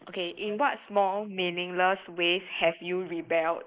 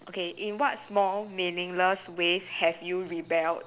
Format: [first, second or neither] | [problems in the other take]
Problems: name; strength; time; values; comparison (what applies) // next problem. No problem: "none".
second | noise reduction (neural mask model Resemble Enhance denoiser)